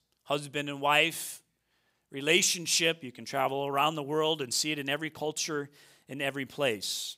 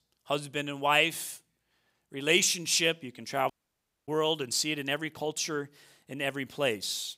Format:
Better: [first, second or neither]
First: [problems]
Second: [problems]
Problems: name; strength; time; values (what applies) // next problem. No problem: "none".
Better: first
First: none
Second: audio cutting out; at 3.5 s for 0.5 s